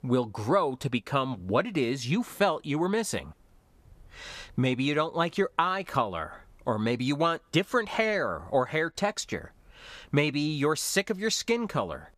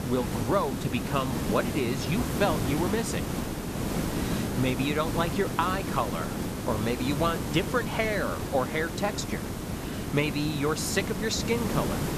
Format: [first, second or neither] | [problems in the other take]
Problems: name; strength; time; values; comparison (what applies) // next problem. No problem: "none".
first | hiss; loud; throughout; 2 dB below the speech